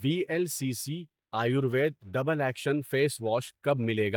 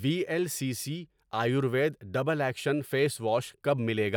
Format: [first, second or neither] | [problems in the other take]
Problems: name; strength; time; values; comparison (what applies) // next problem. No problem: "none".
second | noise reduction (neural mask model DeepFilterNet 3)